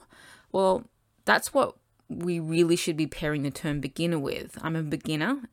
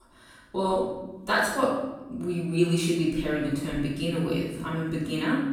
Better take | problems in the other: first | room echo; noticeable; dies away in 1 s // off-mic speech; far

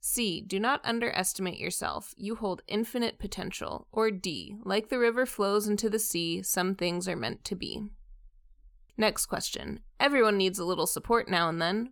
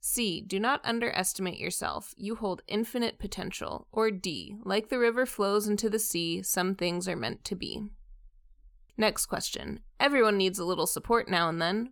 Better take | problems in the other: neither | none

